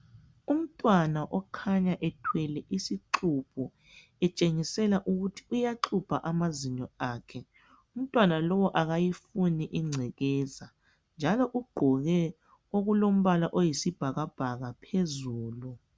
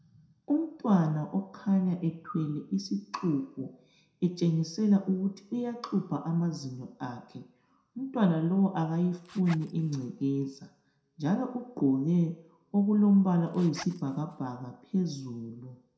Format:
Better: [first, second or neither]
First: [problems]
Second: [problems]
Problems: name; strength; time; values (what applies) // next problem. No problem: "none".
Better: first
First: none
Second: background sound (Zipper (clothing)); 20 dB below the speech // room echo; dies away in 0.6 s